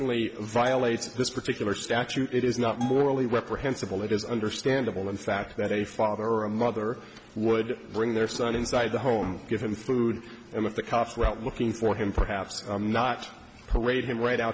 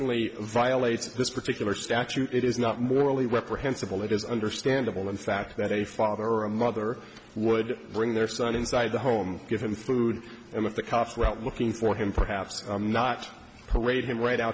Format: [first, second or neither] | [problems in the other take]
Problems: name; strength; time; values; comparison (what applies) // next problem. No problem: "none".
second | background sound (Bell + Drawer open or close); 17 dB below the speech